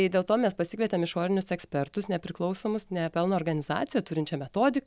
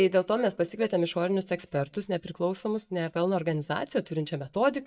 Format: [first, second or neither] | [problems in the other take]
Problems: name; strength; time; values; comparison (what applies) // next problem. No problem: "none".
first | noise reduction (neural mask model DeepFilterNet 3)